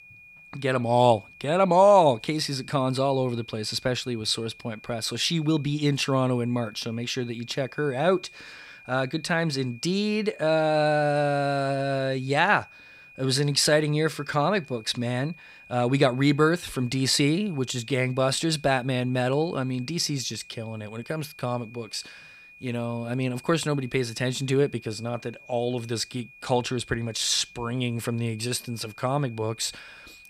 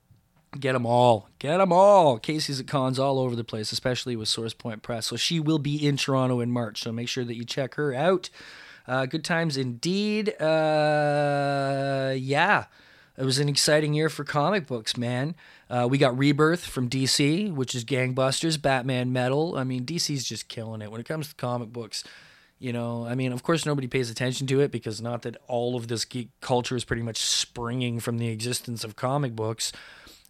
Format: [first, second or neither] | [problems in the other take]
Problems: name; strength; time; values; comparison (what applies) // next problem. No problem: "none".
second | high-pitched whine; faint; throughout; 2.5 kHz, 20 dB below the speech